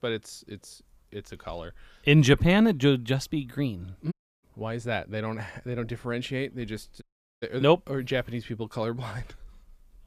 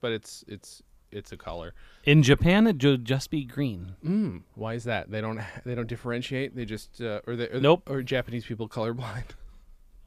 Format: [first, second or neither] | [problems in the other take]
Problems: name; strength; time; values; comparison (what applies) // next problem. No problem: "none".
second | audio cutting out; at 4 s and at 7 s